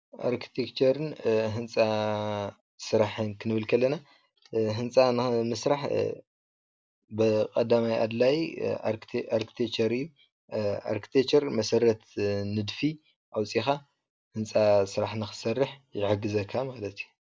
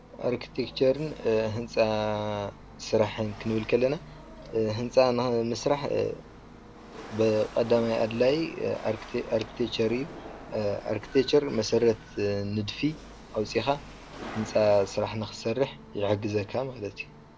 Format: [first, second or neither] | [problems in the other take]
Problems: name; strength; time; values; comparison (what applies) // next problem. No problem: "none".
first | background sound (Rattle / Chatter / Hiss / Engine / Mechanisms); 17 dB below the speech